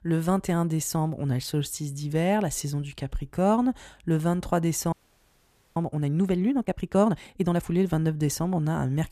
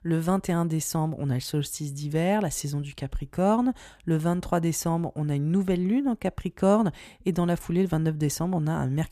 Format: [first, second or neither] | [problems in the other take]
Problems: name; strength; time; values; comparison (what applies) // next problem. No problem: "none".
second | audio freezing; at 5 s for 1 s